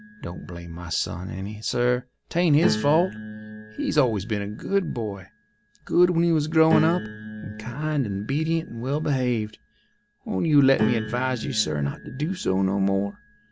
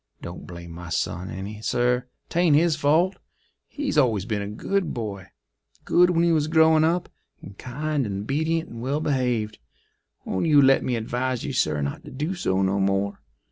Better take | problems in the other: second | background sound (Piano); 11 dB below the speech

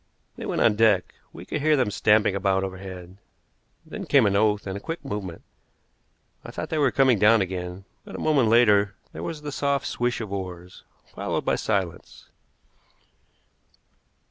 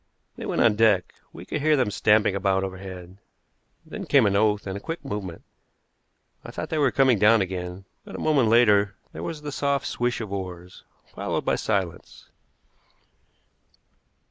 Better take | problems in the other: first | noise reduction (neural mask model Resemble Enhance denoiser)

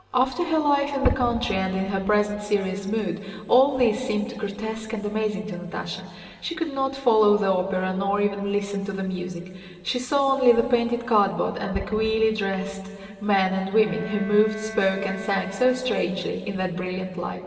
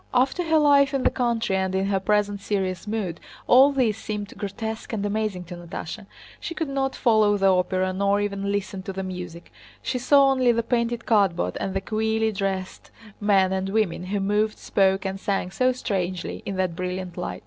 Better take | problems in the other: second | background sound (Bowed string instrument); 16 dB below the speech // room echo; dies away in 2.5 s

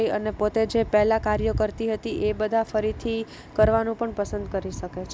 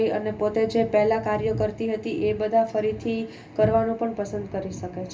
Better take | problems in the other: first | room echo; dies away in 0.3 s

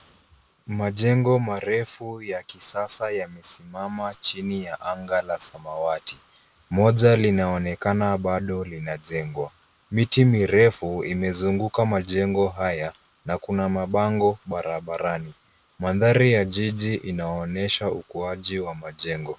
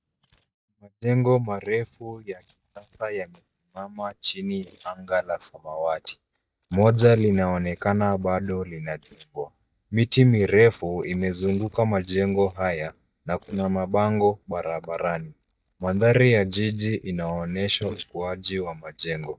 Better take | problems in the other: first | noise reduction (neural mask model DeepFilterNet 3)

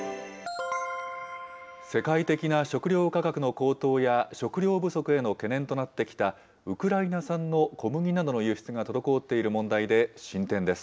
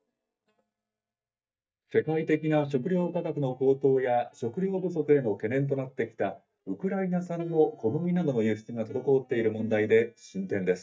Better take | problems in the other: first | noise reduction (neural mask model DeepFilterNet 3)

